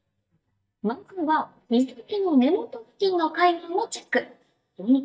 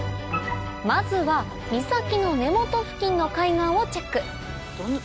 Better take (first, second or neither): second